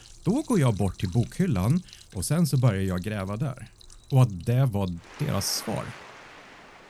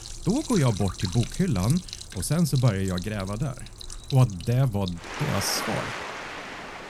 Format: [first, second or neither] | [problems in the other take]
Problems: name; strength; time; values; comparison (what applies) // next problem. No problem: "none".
first | rain or running water; loud; throughout; 10 dB below the speech; faint in the first